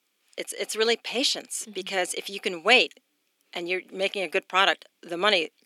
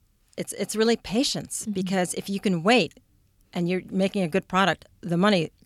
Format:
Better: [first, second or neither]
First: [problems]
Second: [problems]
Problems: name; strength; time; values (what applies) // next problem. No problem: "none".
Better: second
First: thin; somewhat; fading below 300 Hz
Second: none